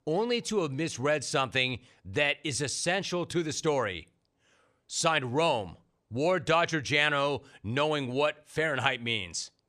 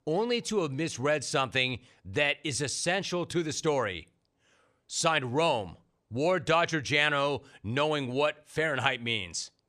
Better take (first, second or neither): neither